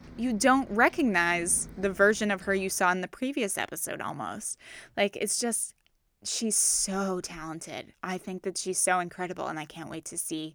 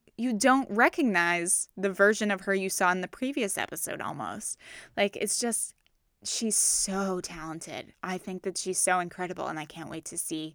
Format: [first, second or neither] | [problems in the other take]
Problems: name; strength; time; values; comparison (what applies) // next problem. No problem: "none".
second | traffic noise; faint; until 2.5 s; 20 dB below the speech